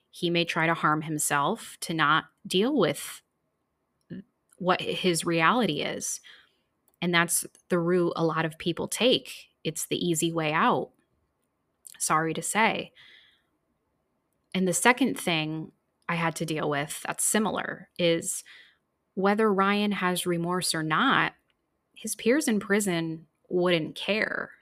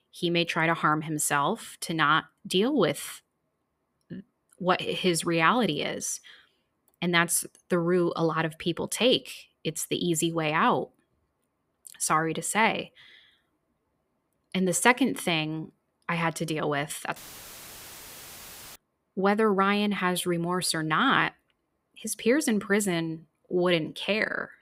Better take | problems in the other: first | audio cutting out; filled with static; at 17 s for 1.5 s

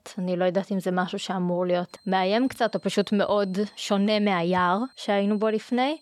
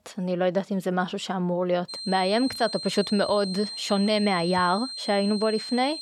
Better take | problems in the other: first | high-pitched whine; loud; from 2 s on; 4 kHz, 8 dB below the speech; faint in the first

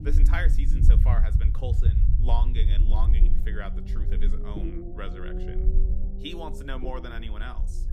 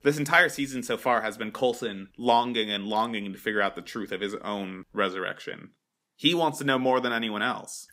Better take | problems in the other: second | low rumble; loud; throughout; 5 dB below the speech

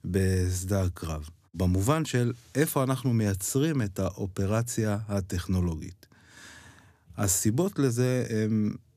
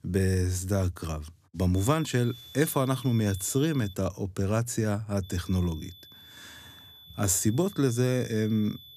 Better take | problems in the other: first | high-pitched whine; noticeable; from 2 to 4 s and from 5 s on; 3.5 kHz, 20 dB below the speech

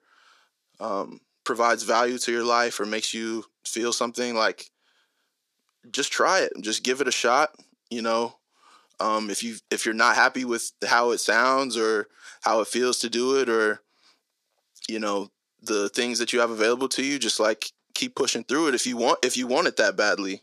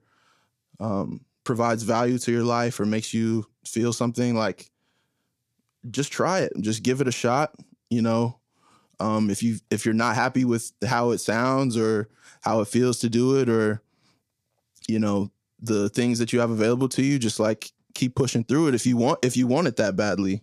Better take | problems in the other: second | thin; somewhat; fading below 350 Hz

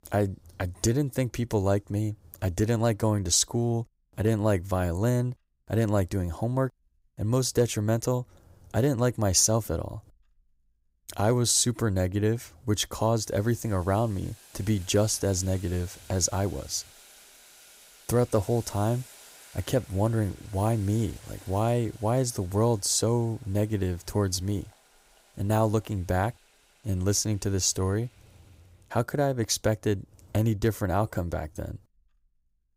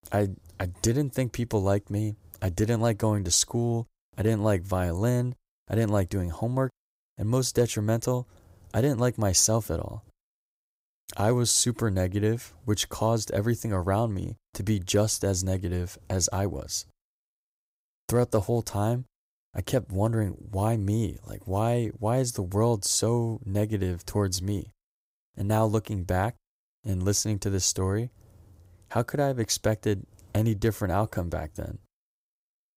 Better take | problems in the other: second | household noises; faint; throughout; 25 dB below the speech

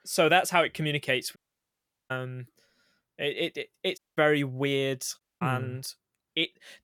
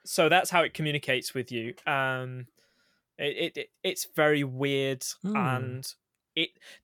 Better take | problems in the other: second | audio cutting out; at 1.5 s for 0.5 s, at 4 s and at 5 s

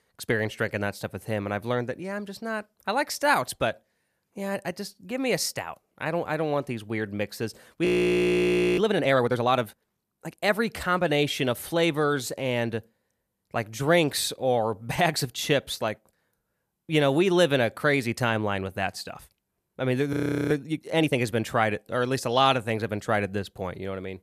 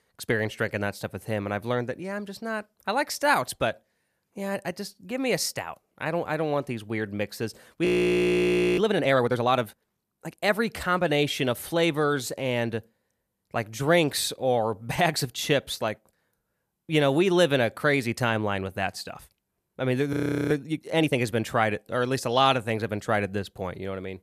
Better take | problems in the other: neither | audio freezing; at 8 s for 1 s and at 20 s; the same in both

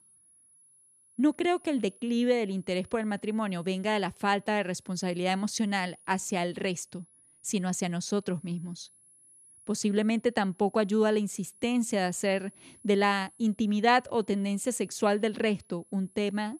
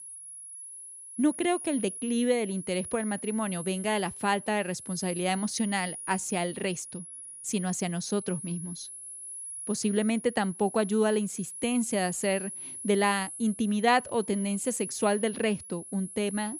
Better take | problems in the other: first | high-pitched whine; loud; throughout; 10.5 kHz, 9 dB below the speech; faint in the first

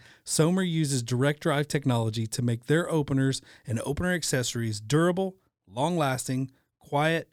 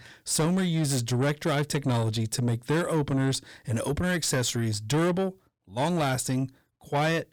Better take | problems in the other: first | distortion; slight; 10 dB below the speech

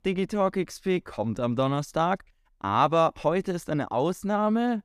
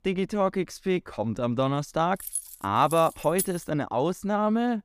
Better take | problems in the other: first | jangling keys; noticeable; from 2 to 3.5 s; peak 5 dB below the speech

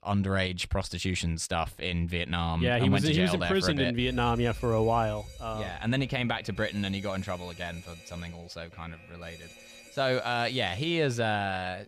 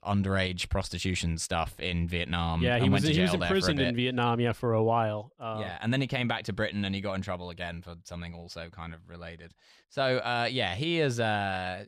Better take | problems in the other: second | alarm; faint; from 4 s on; peak 10 dB below the speech

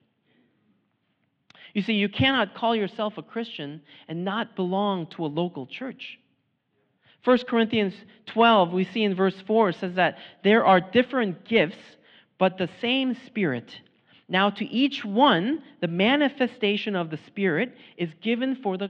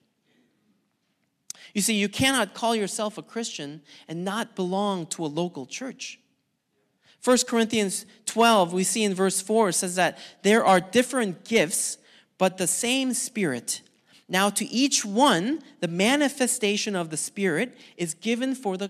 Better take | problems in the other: second | muffled; very; fading above 3.5 kHz

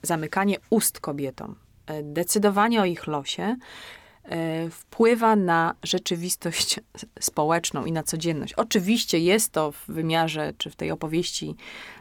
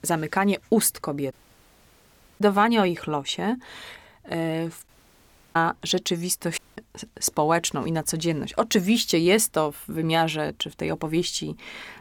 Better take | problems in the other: first | audio cutting out; at 1.5 s for 1 s, at 5 s for 0.5 s and at 6.5 s

